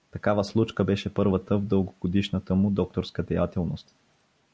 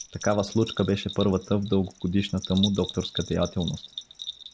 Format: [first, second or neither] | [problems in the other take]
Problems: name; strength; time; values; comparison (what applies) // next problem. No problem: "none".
first | background sound (Bell); 12 dB below the speech